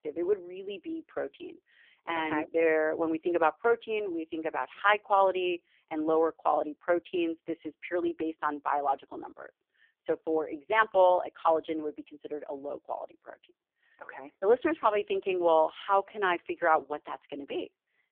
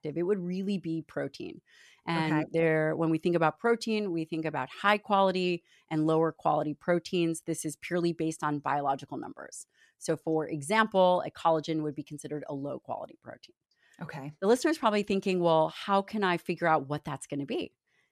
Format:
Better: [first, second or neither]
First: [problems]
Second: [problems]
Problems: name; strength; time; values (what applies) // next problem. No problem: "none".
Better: second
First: phone-call audio; poor line; nothing above 3 kHz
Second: none